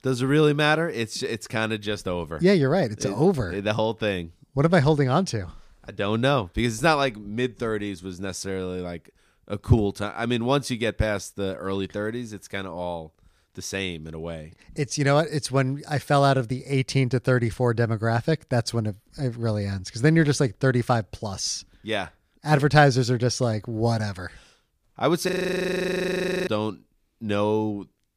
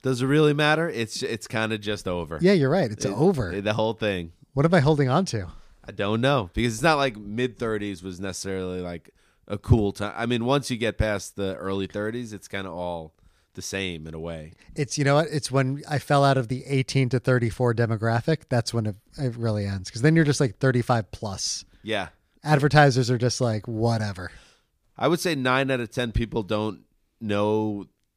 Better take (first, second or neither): second